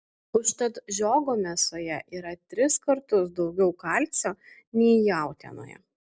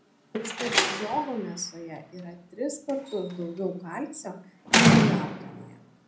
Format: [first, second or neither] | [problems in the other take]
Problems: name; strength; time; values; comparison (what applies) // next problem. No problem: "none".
first | background sound (Slam); 2 dB above the speech // room echo; dies away in 0.5 s